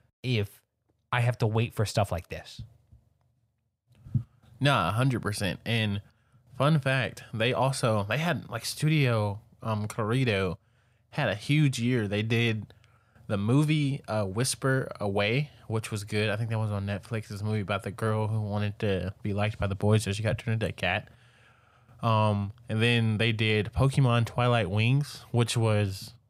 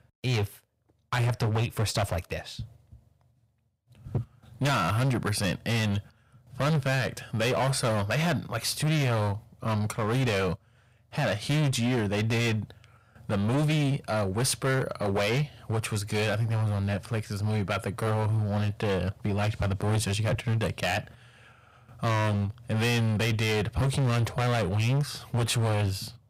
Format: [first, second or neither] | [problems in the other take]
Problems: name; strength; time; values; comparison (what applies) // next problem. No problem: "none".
first | distortion; heavy; 19% of the sound clipped